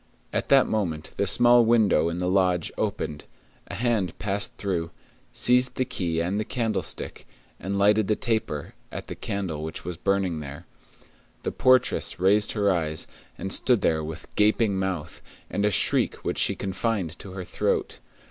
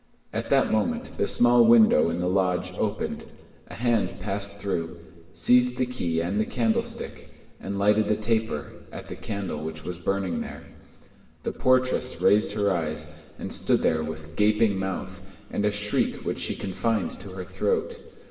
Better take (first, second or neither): first